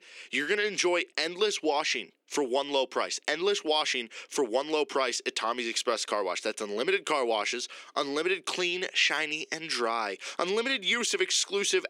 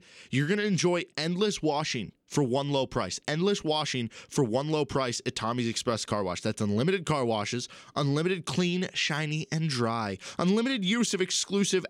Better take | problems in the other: second | thin; somewhat; fading below 350 Hz

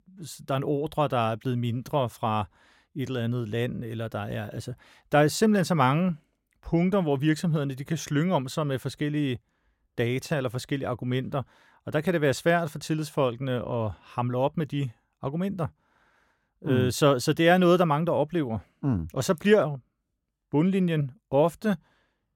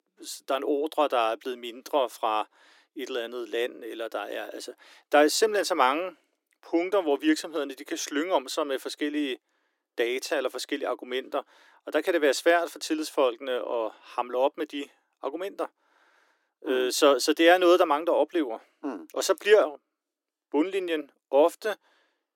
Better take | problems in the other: first | thin; somewhat; fading below 300 Hz

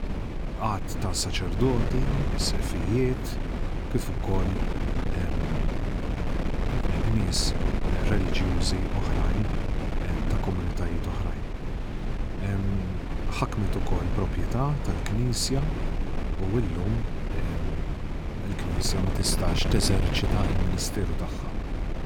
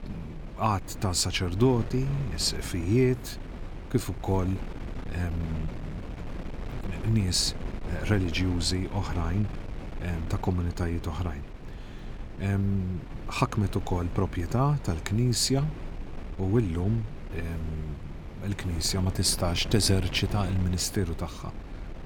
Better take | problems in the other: second | wind noise on the microphone; heavy; 3 dB below the speech; occasional gusts in the second

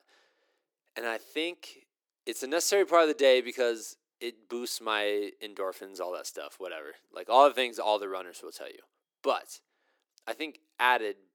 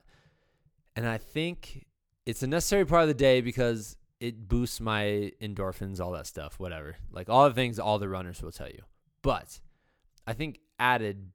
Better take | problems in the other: second | thin; somewhat; fading below 300 Hz

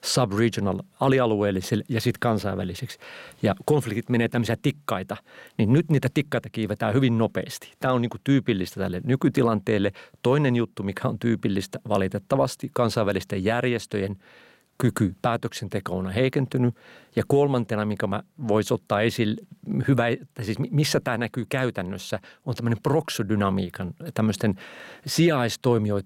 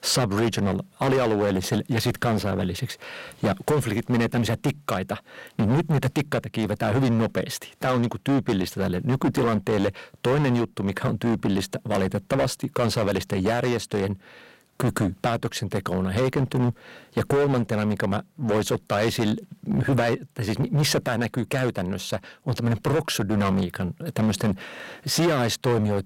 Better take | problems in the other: first | distortion; heavy; 12% of the sound clipped

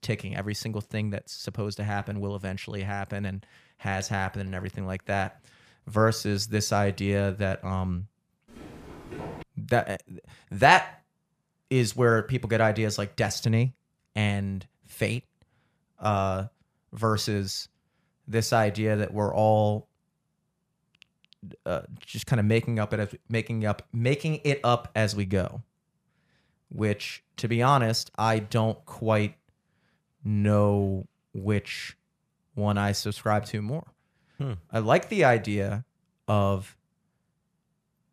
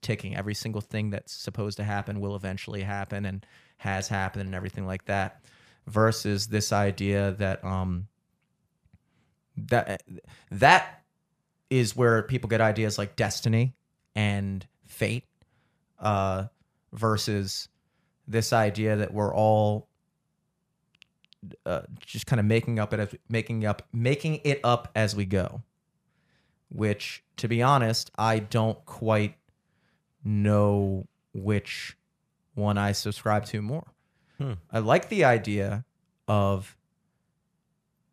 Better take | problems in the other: second | footsteps; faint; at 8.5 s; peak 10 dB below the speech

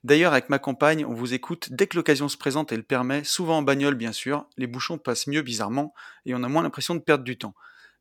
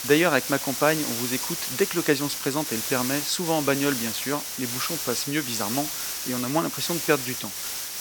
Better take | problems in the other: first | hiss; loud; throughout; 2 dB below the speech

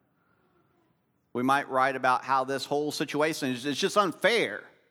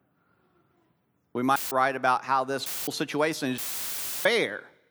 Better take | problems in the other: first | audio cutting out; filled with static; at 1.5 s, at 2.5 s and at 3.5 s for 0.5 s

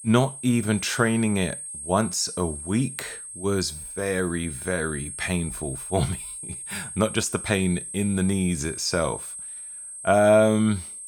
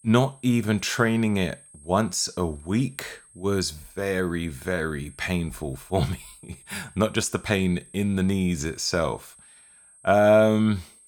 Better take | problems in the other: second | high-pitched whine; loud; throughout; 8.5 kHz, 9 dB below the speech; faint in the second

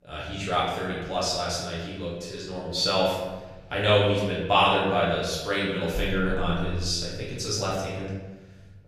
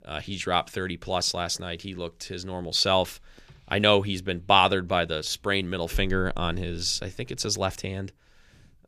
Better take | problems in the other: second | room echo; noticeable; dies away in 1 s // off-mic speech; far

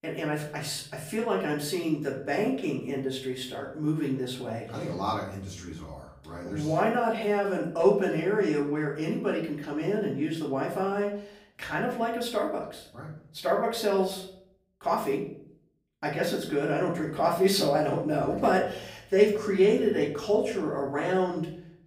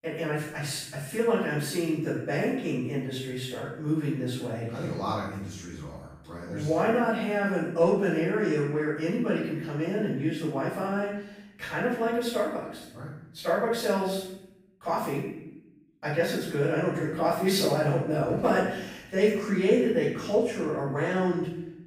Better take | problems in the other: first | room echo; strong; dies away in 0.8 s; slight in the first // off-mic speech; far; far in the first

